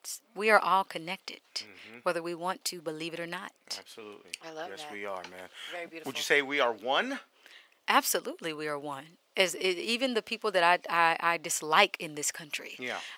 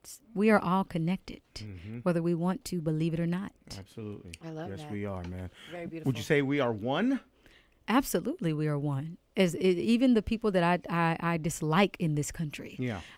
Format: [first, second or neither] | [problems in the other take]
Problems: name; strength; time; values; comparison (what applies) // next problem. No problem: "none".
second | thin; very; fading below 650 Hz